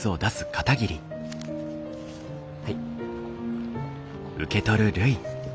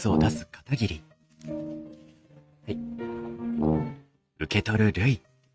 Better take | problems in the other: first | noise reduction (neural mask model RNNoise)

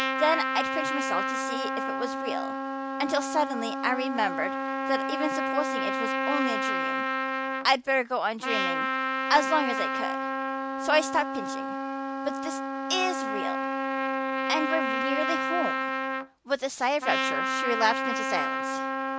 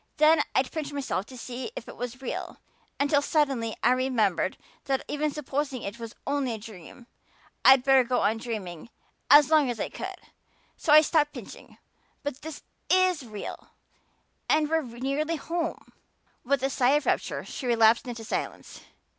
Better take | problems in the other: second | background sound (Trumpet); 1 dB above the speech

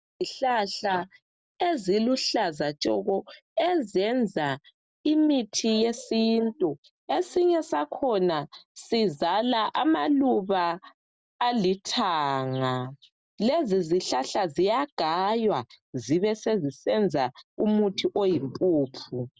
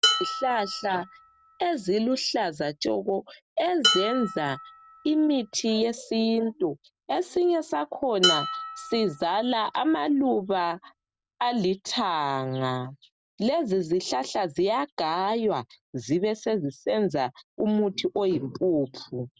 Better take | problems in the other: first | background sound (Dishes, pots, and pans); 6 dB below the speech

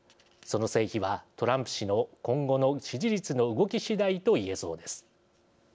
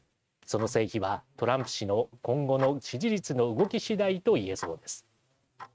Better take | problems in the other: first | noise reduction (neural mask model RNNoise)

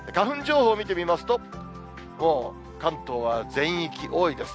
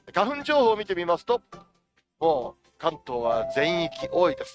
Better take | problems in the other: first | noise reduction (neural mask model RNNoise)

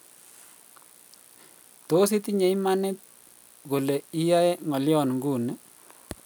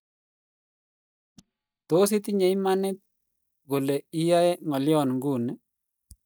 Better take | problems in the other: first | noise reduction (neural mask model DeepFilterNet 3)

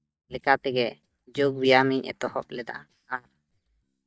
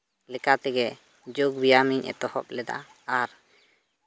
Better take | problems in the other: second | noise reduction (neural mask model DeepFilterNet 3)

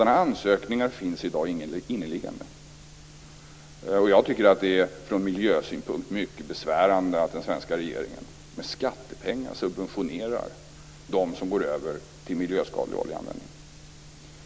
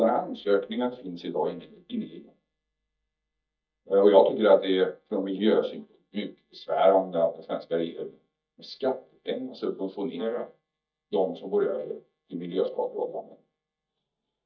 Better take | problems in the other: first | noise reduction (neural mask model DeepFilterNet 3)

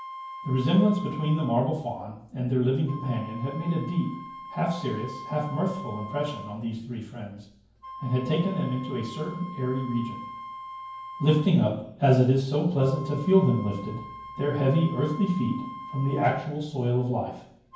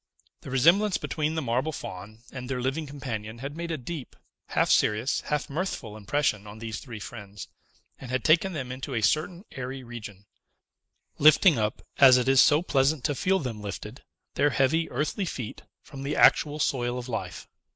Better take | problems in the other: second | background sound (Wind instrument, woodwind instrument); 15 dB below the speech // room echo; dies away in 0.9 s

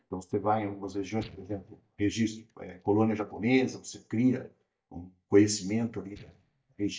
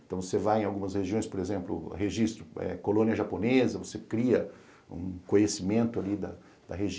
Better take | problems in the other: second | noise reduction (neural mask model DeepFilterNet 3)

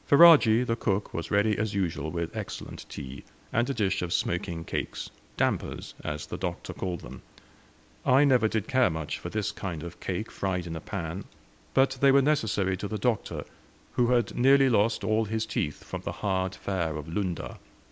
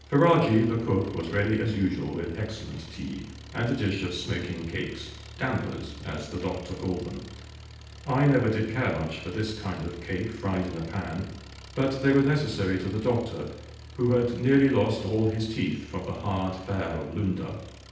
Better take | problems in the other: first | background sound (Engine); 17 dB below the speech // room echo; dies away in 0.9 s

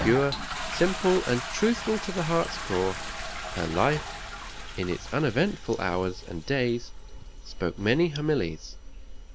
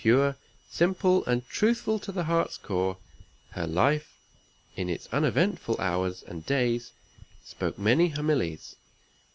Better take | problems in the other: second | background sound (Toilet flush); 8 dB below the speech

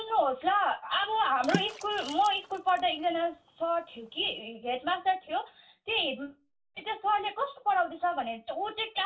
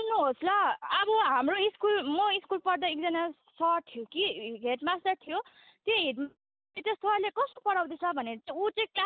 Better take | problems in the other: second | background sound (Water / Splash, splatter); 10 dB below the speech // room echo; dies away in 0.2 s

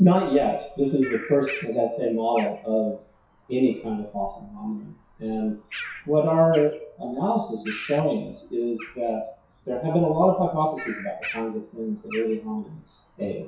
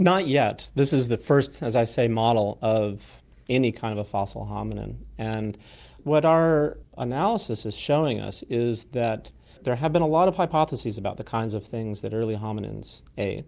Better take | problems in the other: second | noise reduction (classical method WPE with log-MMSE)

